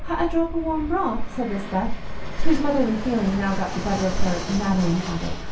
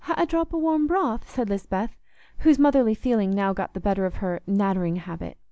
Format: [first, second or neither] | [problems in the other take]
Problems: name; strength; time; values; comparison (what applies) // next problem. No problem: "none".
second | background sound (Fixed-wing aircraft, airplane); 11 dB below the speech // room echo; dies away in 0.3 s